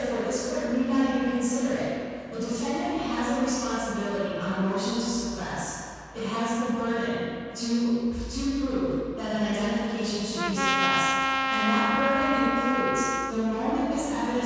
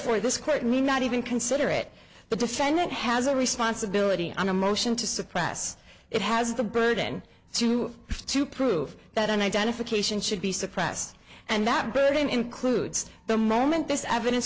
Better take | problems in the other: second | background sound (Trumpet); 1 dB above the speech // room echo; dies away in 2.1 s

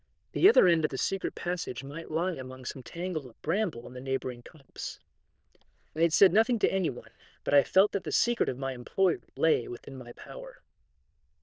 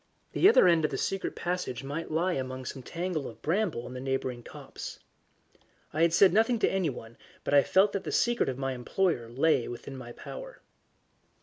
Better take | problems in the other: second | noise reduction (neural diffusion model UNIVERSE++)

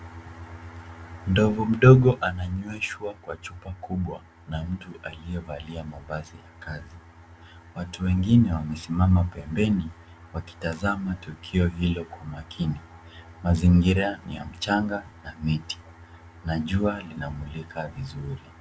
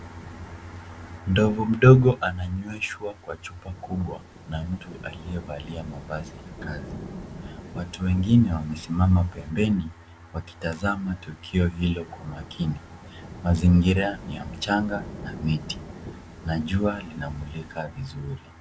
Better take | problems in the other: first | background sound (Rain / Thunderstorm); 17 dB below the speech

